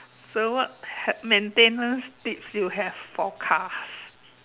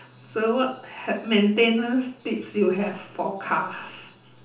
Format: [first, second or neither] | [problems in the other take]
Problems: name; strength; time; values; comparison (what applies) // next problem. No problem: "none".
first | room echo; dies away in 0.6 s